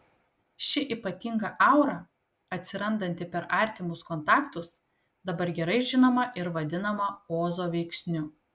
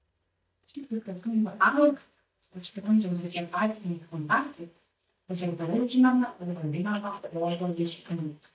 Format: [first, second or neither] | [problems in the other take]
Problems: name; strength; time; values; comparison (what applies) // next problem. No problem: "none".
first | noise reduction (neural mask model DeepFilterNet 3)